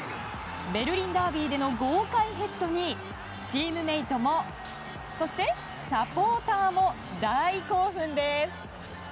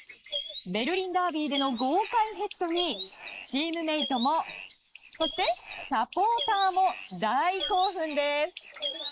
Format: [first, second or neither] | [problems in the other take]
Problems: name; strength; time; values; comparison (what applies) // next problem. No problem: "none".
first | noise reduction (neural mask model Resemble Enhance denoiser)